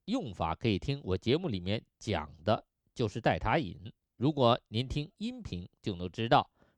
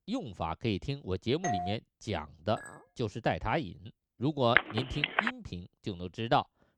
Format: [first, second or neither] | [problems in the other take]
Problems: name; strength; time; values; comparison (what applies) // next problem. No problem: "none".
first | doorbell; noticeable; at 1.5 s; peak 1 dB below the speech // clattering dishes; faint; at 2.5 s; peak 15 dB below the speech // phone ringing; loud; at 4.5 s; peak 6 dB above the speech